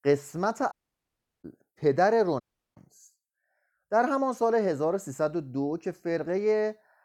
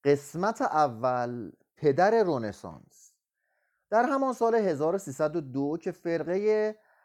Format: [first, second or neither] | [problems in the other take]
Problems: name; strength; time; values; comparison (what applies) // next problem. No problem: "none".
second | audio cutting out; at 0.5 s for 0.5 s and at 2.5 s